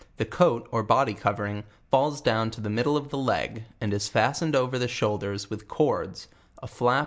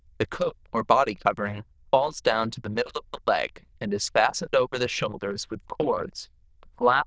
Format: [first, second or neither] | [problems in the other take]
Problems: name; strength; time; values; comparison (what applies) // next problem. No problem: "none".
first | noise reduction (neural diffusion model UNIVERSE++)